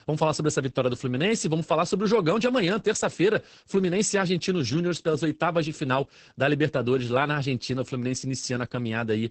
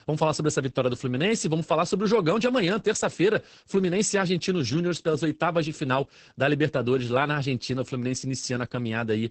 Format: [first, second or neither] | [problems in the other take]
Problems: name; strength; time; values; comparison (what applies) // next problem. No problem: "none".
neither | garbled, watery; badly; nothing above 8 kHz; the same in both